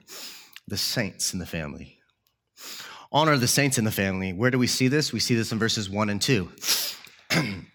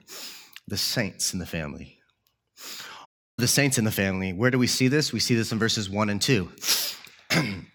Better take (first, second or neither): first